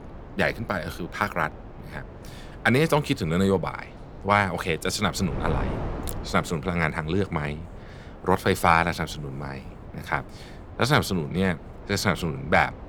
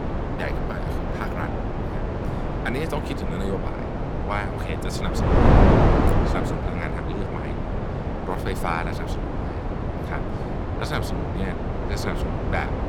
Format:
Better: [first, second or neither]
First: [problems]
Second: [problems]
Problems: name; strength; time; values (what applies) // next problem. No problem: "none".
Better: first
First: wind noise on the microphone; occasional gusts; 20 dB below the speech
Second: wind noise on the microphone; heavy; 3 dB above the speech